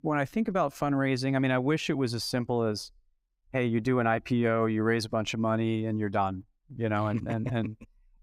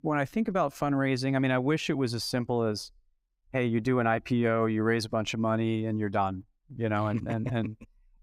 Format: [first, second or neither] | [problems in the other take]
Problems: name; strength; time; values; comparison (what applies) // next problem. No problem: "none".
neither | none